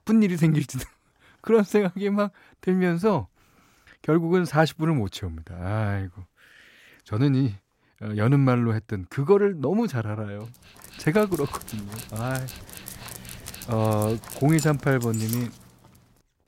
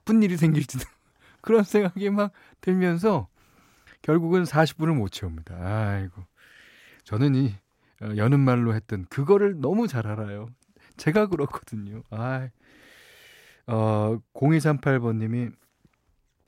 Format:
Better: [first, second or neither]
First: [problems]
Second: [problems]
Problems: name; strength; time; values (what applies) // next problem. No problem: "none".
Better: second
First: dog barking; noticeable; from 11 to 15 s; peak 10 dB below the speech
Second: none